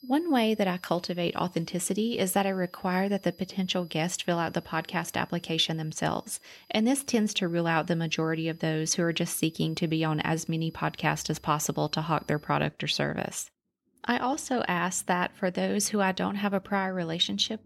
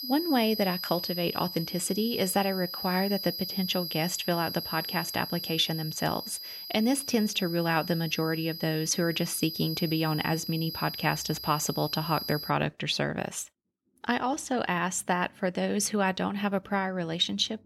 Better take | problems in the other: first | high-pitched whine; loud; until 13 s; 5 kHz, 7 dB below the speech; faint in the first

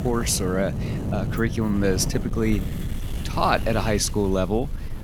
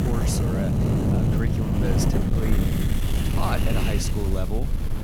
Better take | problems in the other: first | wind noise on the microphone; heavy; 2 dB above the speech; occasional gusts in the first

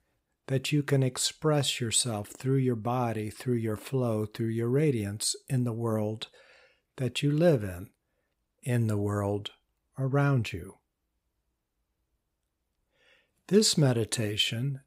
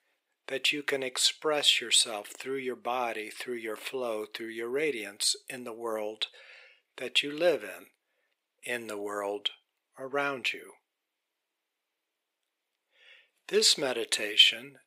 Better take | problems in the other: first | thin; very; fading below 400 Hz

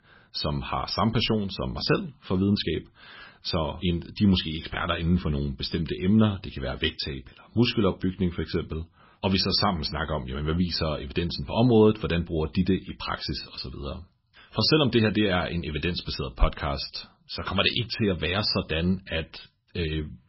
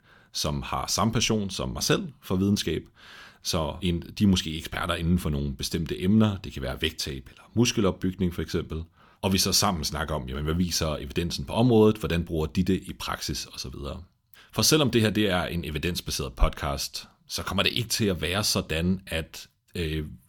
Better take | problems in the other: second | garbled, watery; badly; nothing above 5.5 kHz

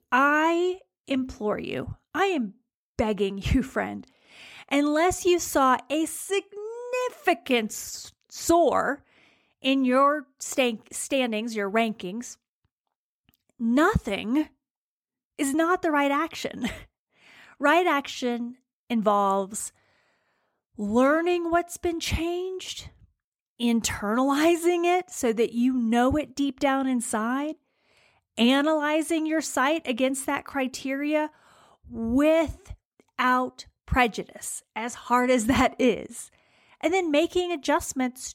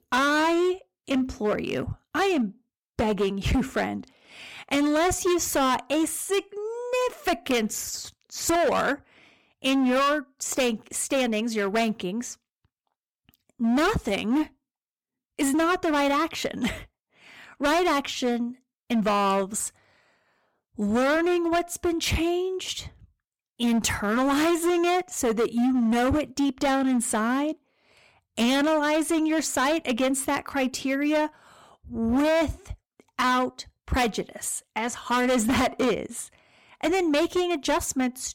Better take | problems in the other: first | distortion; heavy; 14% of the sound clipped

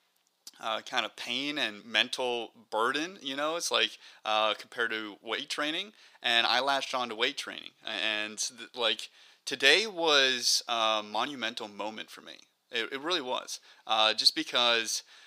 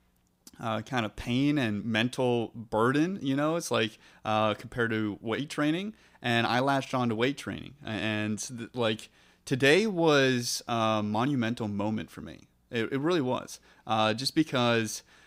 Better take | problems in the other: second | thin; somewhat; fading below 550 Hz

